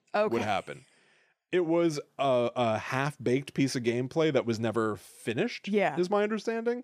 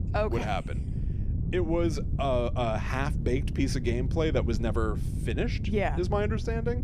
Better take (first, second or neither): first